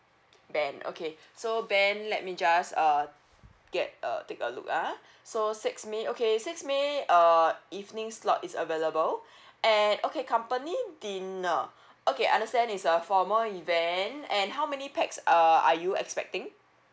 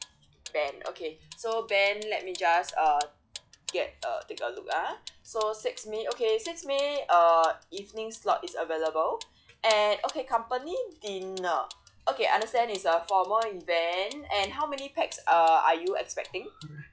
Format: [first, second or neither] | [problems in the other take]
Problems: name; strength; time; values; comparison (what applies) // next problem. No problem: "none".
first | noise reduction (classical method log-MMSE)